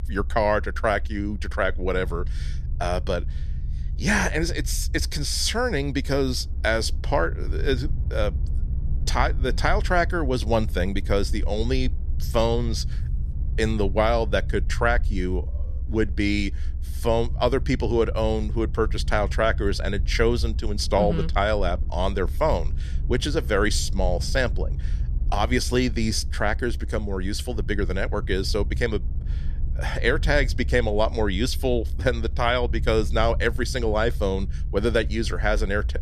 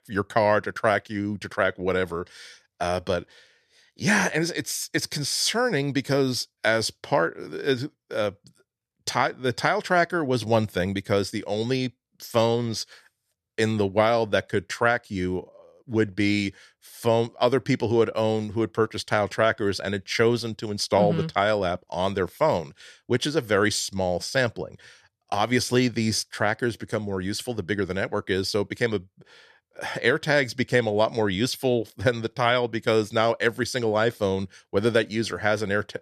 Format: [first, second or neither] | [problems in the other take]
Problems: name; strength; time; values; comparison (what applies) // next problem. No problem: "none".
second | low rumble; faint; throughout; 20 dB below the speech